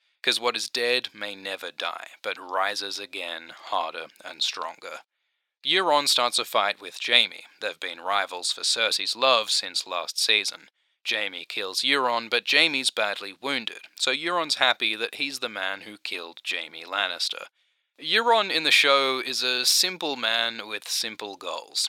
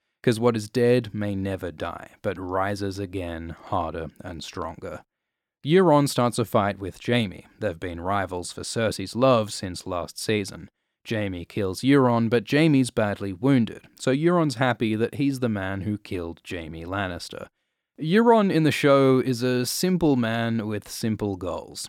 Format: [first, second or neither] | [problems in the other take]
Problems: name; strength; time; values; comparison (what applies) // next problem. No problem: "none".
second | thin; very; fading below 750 Hz